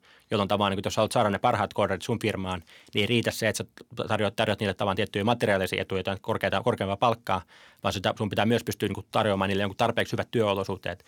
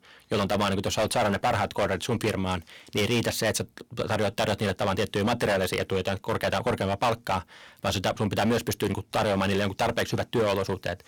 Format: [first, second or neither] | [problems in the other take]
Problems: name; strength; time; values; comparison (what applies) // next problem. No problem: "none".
first | distortion; heavy; 11% of the sound clipped